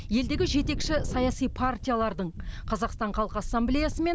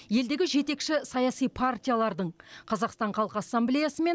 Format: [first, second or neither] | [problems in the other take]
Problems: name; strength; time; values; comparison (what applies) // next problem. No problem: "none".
second | background sound (Wind); 5 dB below the speech